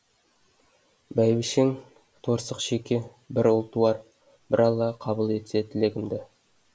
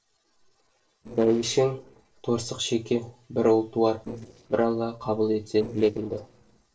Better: first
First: none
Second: noise reduction (neural separator model SepFormer DNS4)

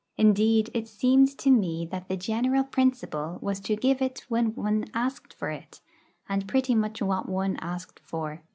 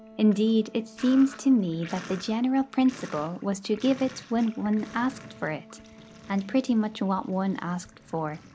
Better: first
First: none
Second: background sound (Sink (filling or washing) + Wind instrument, woodwind instrument); 19 dB below the speech

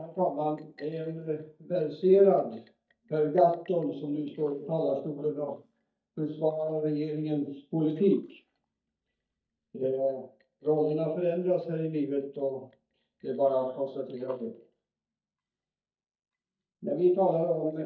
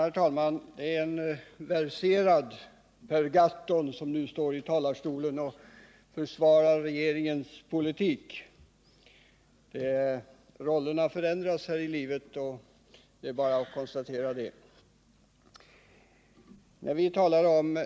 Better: second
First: noise reduction (neural mask model DeepFilterNet 3)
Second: none

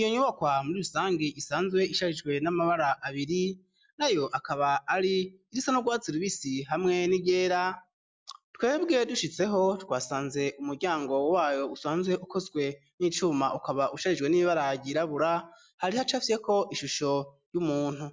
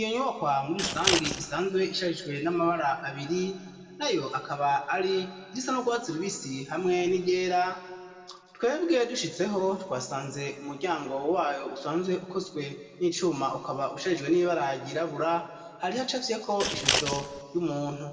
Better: first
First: none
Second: background sound (Scissors); as loud as the speech // room echo; dies away in 1.7 s

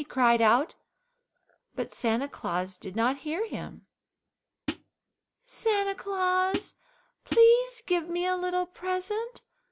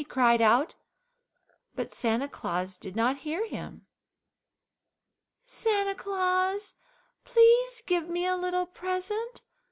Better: second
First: background sound (Hi-hat); 7 dB below the speech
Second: none

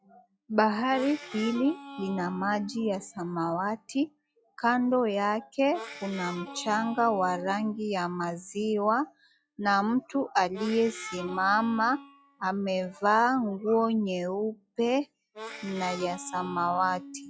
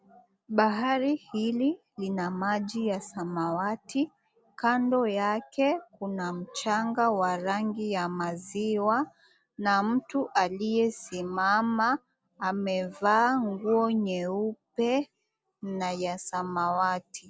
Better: second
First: noise reduction (classical method log-MMSE)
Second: none

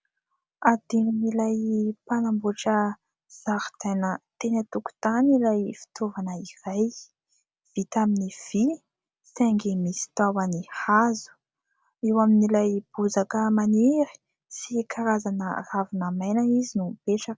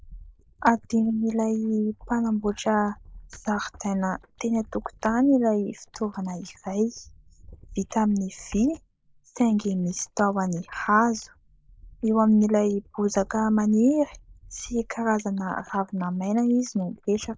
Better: first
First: none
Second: noise reduction (neural mask model Resemble Enhance denoiser)

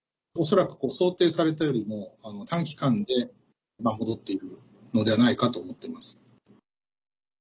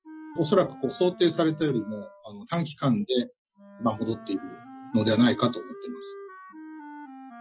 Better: first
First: none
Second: noise reduction (classical method Wiener filter)

